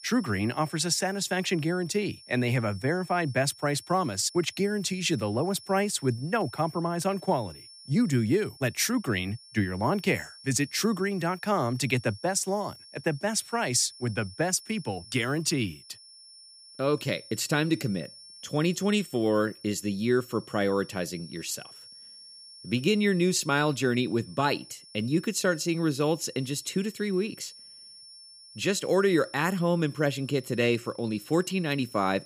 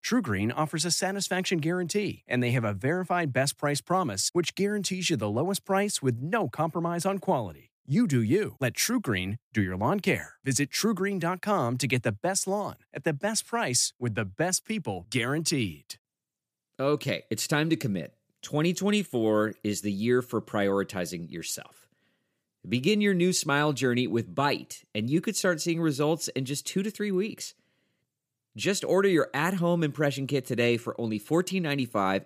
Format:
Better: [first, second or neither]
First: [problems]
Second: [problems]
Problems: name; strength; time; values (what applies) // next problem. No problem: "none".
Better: second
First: high-pitched whine; noticeable; throughout; 5.5 kHz, 20 dB below the speech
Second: none